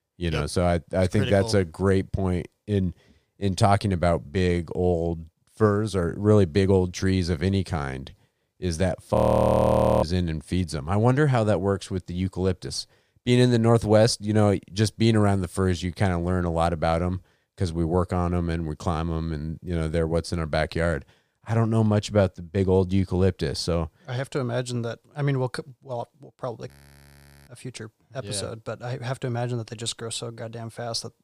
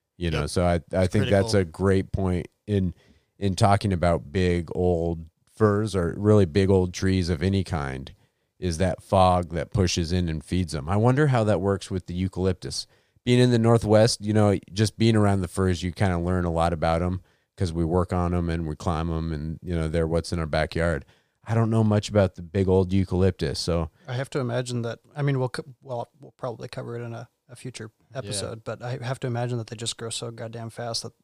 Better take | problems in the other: second | audio freezing; at 9 s for 1 s and at 27 s for 1 s

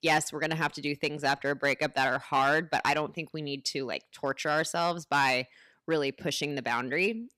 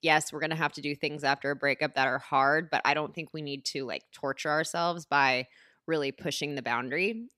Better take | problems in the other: second | distortion; slight; 2% of the sound clipped

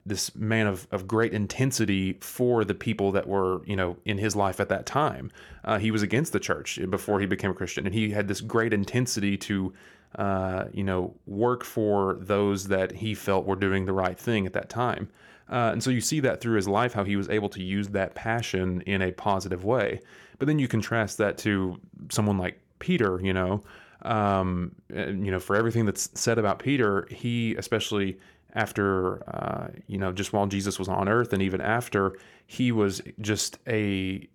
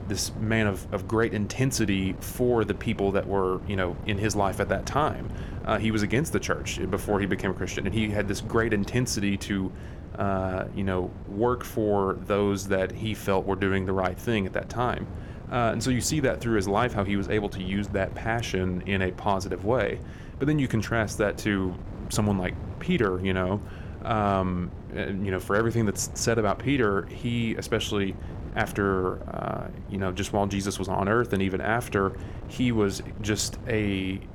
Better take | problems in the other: first | wind noise on the microphone; occasional gusts; 20 dB below the speech

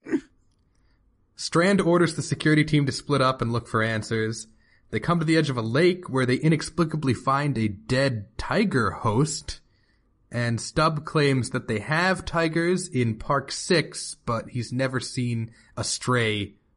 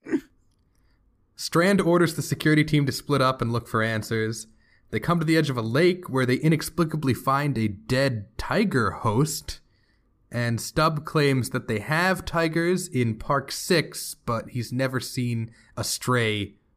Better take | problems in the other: second | garbled, watery; slightly; nothing above 10.5 kHz

